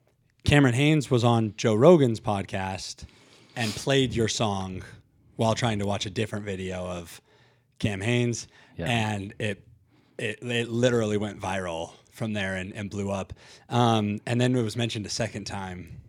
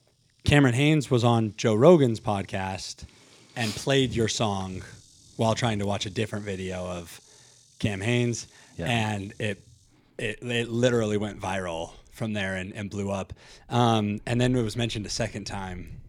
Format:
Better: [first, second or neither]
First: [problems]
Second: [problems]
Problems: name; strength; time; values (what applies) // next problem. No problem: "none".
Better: first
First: none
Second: animal sounds; faint; throughout; 30 dB below the speech